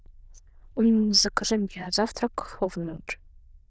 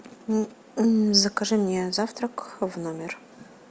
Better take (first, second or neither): second